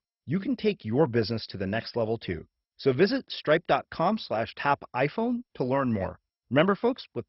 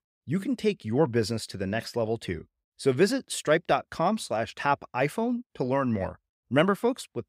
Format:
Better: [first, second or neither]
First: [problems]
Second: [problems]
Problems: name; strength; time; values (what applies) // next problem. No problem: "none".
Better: second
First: garbled, watery; badly; nothing above 5.5 kHz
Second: none